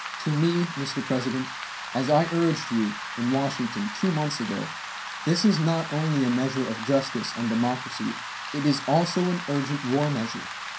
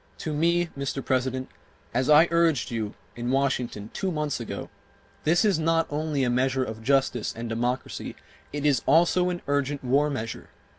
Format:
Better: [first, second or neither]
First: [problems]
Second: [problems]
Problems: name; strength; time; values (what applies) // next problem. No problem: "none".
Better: second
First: background sound (Rain); 9 dB below the speech // room echo; dies away in 0.3 s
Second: none